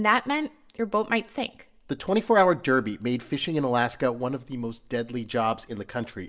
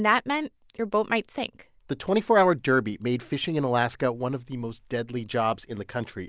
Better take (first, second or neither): second